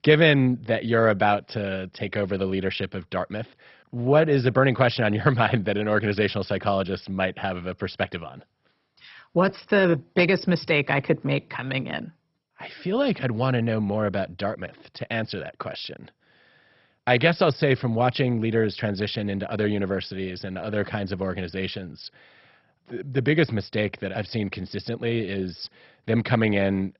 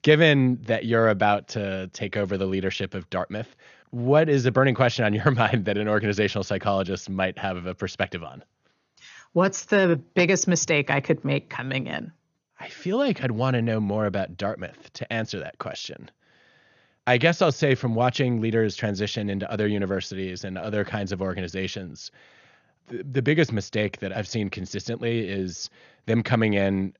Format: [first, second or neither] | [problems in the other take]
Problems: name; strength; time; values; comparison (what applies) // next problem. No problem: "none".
second | garbled, watery; badly; nothing above 5.5 kHz; slightly in the second